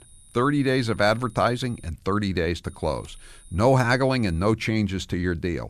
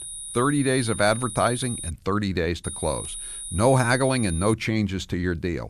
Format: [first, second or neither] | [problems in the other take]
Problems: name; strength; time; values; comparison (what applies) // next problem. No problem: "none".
first | high-pitched whine; loud; until 2 s and from 2.5 to 4.5 s; 9.5 kHz, 8 dB below the speech; faint in the first